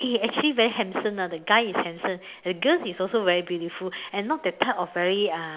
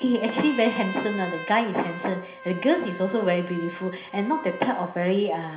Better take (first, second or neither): first